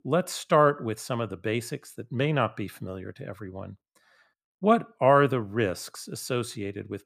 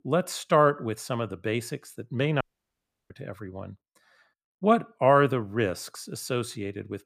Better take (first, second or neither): first